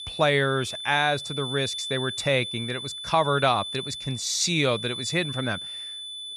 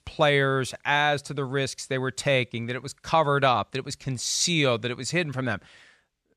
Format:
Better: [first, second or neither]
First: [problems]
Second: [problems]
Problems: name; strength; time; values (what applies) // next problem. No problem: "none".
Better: second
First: high-pitched whine; loud; throughout; 3.5 kHz, 7 dB below the speech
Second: none